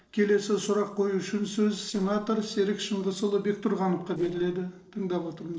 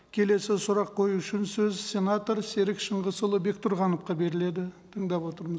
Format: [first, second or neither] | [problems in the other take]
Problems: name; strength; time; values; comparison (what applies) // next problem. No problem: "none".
second | noise reduction (neural separator model SepFormer DNS4)